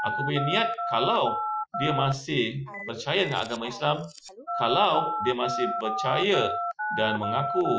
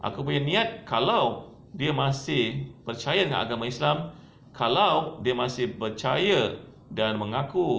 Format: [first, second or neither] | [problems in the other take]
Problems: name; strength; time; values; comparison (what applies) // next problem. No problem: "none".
second | noise reduction (classical method Wiener filter)